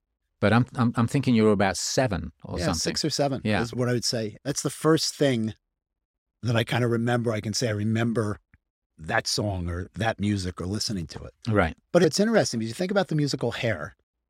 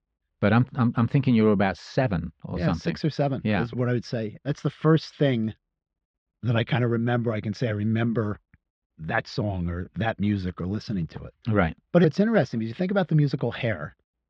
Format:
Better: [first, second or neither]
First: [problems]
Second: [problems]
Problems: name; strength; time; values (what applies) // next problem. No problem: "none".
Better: first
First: none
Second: muffled; slightly; fading above 3.5 kHz